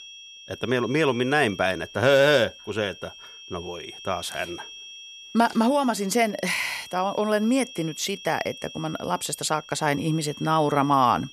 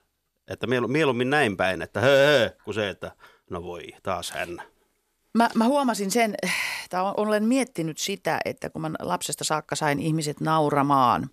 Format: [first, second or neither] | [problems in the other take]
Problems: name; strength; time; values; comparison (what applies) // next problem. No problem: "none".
second | high-pitched whine; noticeable; throughout; 3.5 kHz, 15 dB below the speech